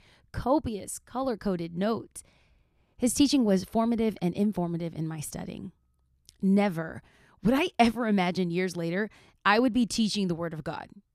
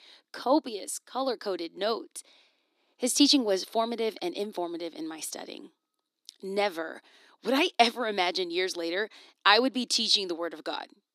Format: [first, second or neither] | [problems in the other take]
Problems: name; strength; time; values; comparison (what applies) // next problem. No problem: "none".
first | thin; very slightly; fading below 300 Hz